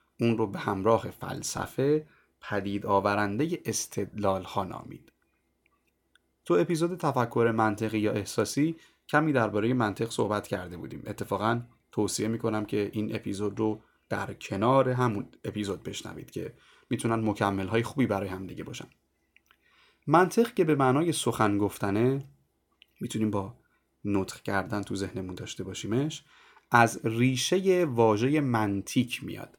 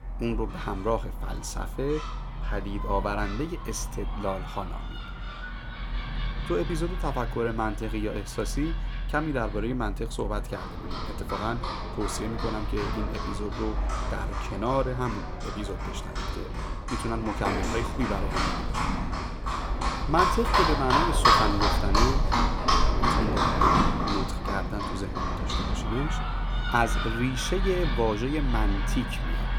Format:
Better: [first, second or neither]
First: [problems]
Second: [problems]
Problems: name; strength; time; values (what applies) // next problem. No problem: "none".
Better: first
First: none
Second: animal sounds; very loud; throughout; 2 dB above the speech